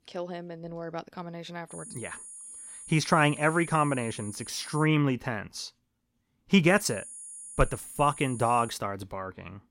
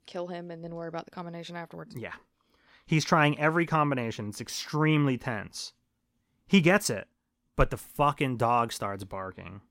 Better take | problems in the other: second | high-pitched whine; noticeable; from 1.5 to 5 s and from 6.5 to 8.5 s; 10 kHz, 15 dB below the speech

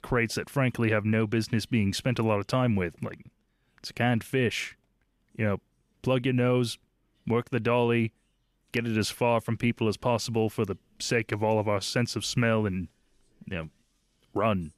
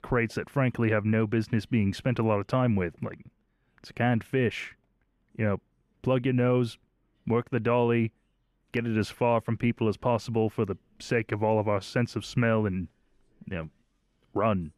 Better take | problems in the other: first | muffled; slightly; fading above 3 kHz

